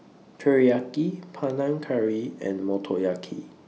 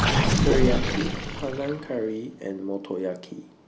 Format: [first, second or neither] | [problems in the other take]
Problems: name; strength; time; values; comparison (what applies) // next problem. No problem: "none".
first | background sound (Gurgling); 3 dB above the speech